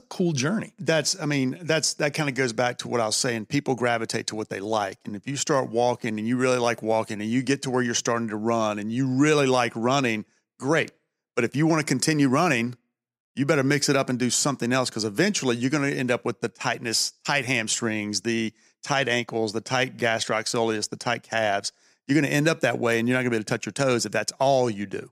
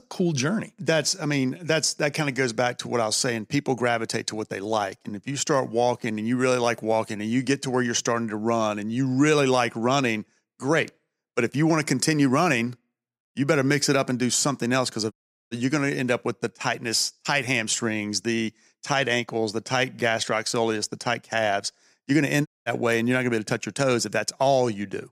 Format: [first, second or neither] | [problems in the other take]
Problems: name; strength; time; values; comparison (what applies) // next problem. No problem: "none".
first | audio cutting out; at 15 s and at 22 s